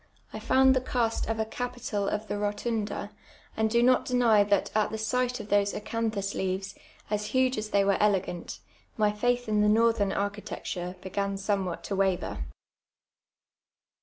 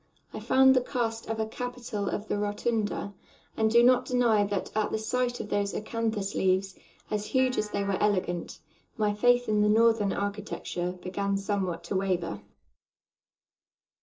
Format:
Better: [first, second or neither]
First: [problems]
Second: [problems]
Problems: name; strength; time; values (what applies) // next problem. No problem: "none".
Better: first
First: none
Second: noise reduction (neural separator model SepFormer DNS4)